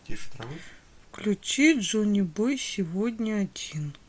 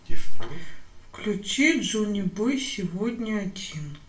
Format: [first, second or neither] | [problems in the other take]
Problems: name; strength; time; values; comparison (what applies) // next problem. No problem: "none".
first | room echo; dies away in 0.3 s